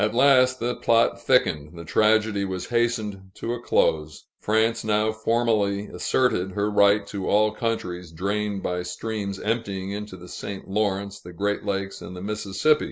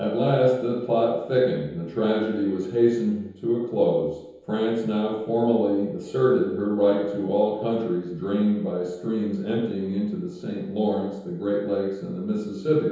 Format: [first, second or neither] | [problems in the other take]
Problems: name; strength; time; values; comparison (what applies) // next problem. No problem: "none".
first | room echo; dies away in 0.9 s